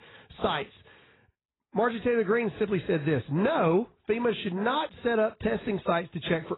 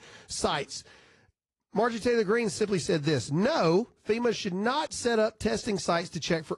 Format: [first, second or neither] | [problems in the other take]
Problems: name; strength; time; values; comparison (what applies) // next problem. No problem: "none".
second | garbled, watery; badly; nothing above 4 kHz; slightly in the second